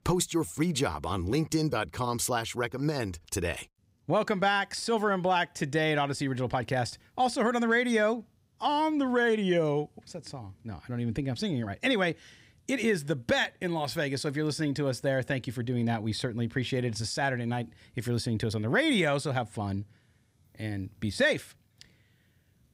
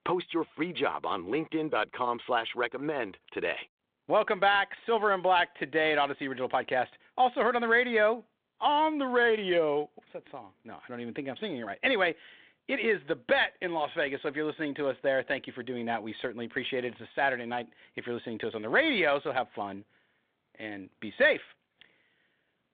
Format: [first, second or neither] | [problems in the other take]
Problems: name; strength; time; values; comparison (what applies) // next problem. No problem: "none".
first | phone-call audio; nothing above 3.5 kHz